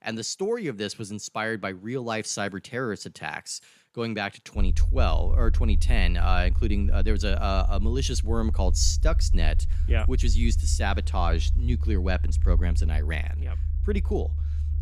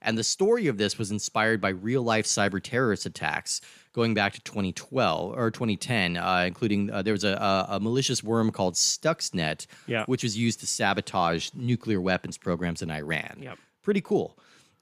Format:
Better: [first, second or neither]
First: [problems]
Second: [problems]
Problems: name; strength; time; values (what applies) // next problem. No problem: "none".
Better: second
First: low rumble; noticeable; from 4.5 s on; 15 dB below the speech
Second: none